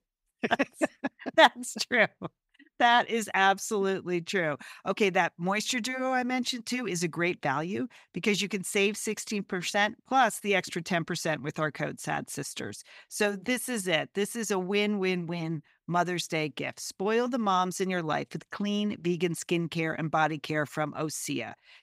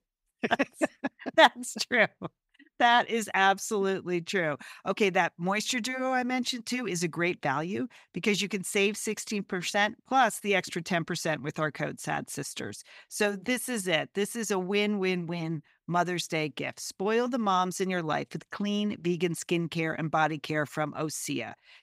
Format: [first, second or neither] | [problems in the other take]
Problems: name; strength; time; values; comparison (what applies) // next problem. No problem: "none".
neither | none